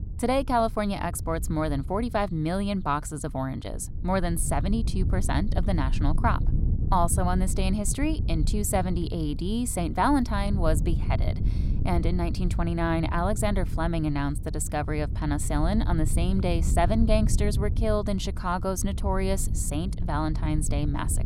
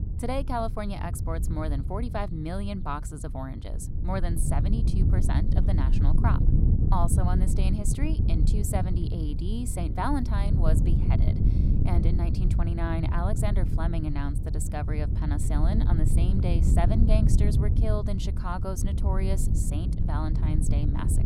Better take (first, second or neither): first